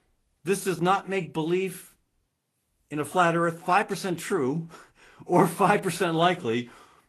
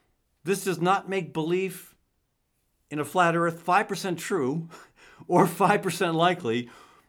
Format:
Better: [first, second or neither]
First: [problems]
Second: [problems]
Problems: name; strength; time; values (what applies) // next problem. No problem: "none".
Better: second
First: garbled, watery; slightly; nothing above 12.5 kHz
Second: none